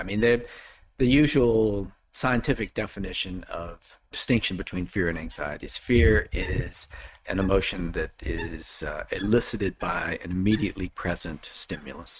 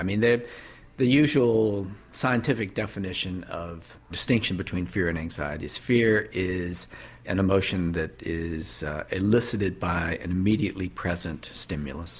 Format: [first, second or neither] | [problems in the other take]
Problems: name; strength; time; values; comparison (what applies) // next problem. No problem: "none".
second | noise reduction (neural mask model RNNoise)